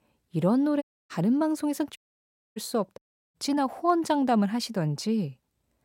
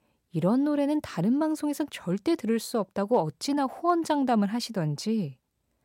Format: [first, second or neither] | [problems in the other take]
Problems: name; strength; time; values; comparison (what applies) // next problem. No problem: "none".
second | audio cutting out; at 1 s, at 2 s for 0.5 s and at 3 s